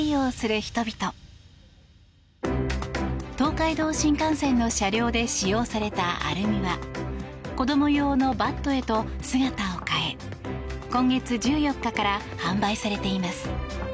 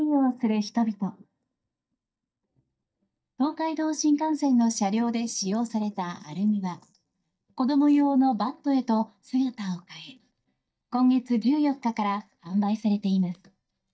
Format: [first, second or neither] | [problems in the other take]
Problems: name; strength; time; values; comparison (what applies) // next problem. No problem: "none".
first | noise reduction (neural mask model DeepFilterNet 3)